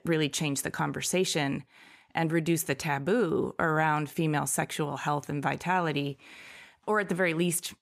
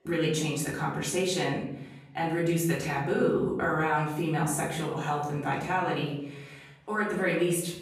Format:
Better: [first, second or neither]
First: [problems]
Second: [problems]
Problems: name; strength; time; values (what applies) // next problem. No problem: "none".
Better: first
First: none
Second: off-mic speech; far // room echo; noticeable; dies away in 0.8 s